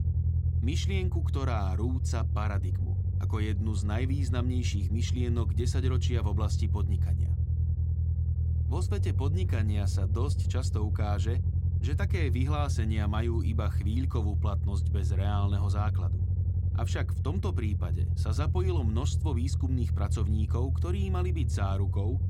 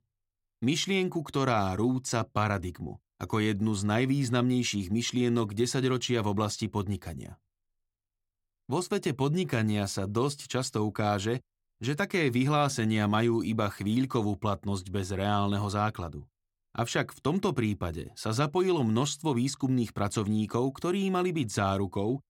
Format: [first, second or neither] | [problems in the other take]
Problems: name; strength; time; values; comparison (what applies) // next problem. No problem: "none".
second | low rumble; loud; throughout; 6 dB below the speech